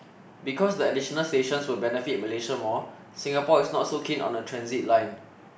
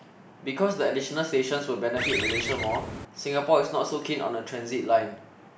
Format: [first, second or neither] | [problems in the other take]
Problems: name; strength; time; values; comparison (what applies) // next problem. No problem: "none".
first | background sound (Bird); 3 dB below the speech